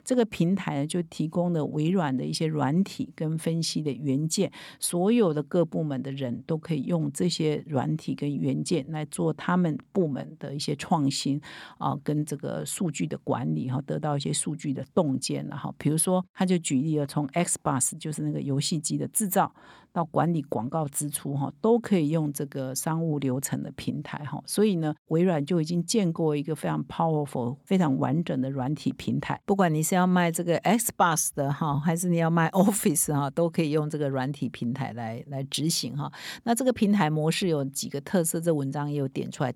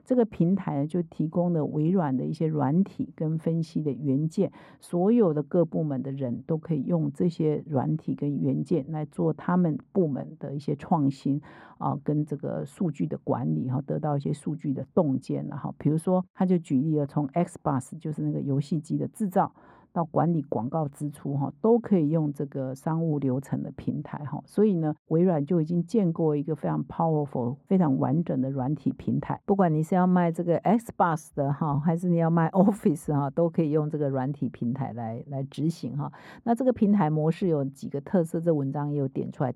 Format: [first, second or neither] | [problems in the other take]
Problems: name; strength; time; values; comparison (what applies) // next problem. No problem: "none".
first | muffled; very; fading above 2 kHz